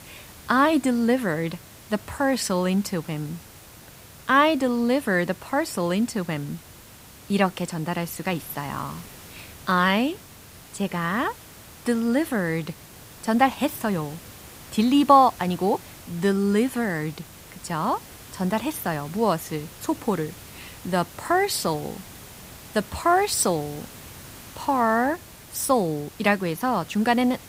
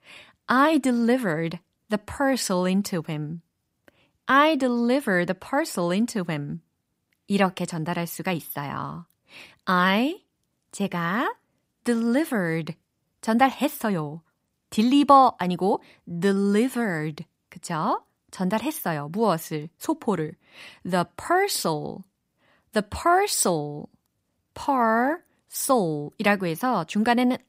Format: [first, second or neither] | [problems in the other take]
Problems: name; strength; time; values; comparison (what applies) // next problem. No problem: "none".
second | hiss; noticeable; throughout; 20 dB below the speech